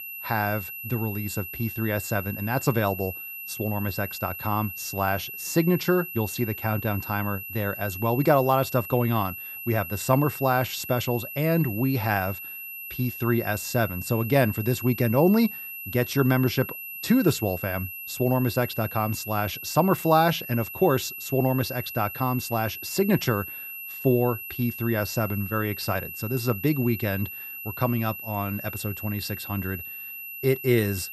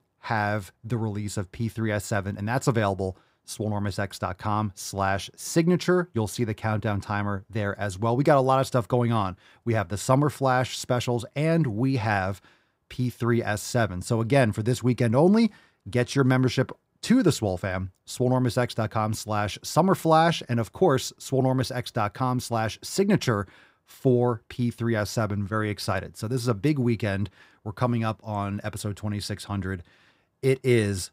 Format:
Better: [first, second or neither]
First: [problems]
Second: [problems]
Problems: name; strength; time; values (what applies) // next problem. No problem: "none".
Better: second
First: high-pitched whine; loud; throughout; 2.5 kHz, 9 dB below the speech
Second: none